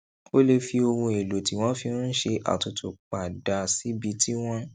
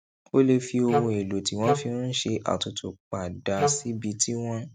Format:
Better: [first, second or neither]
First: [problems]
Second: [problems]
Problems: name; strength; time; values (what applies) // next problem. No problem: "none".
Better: first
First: none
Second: noise reduction (neural mask model RNNoise)